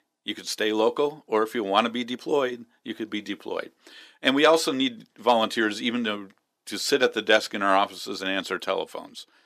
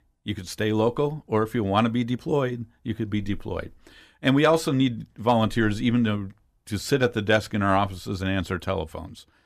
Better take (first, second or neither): second